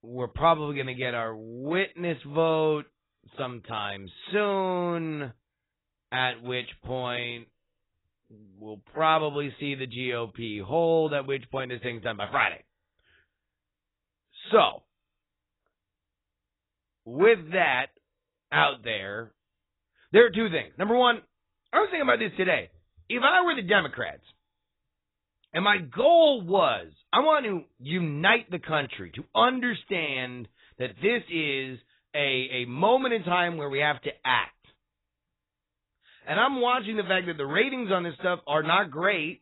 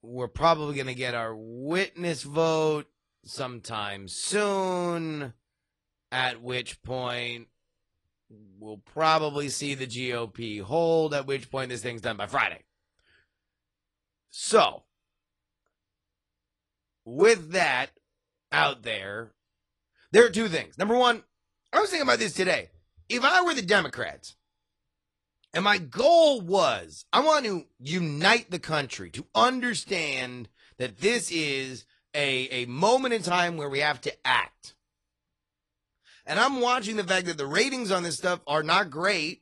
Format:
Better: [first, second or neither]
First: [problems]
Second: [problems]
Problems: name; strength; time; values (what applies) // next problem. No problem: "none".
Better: second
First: garbled, watery; badly; nothing above 4 kHz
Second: garbled, watery; slightly